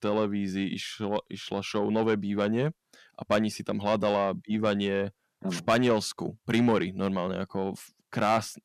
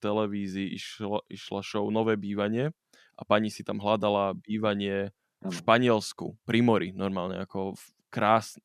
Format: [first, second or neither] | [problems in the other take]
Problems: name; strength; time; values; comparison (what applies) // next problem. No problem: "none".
second | distortion; slight; 10 dB below the speech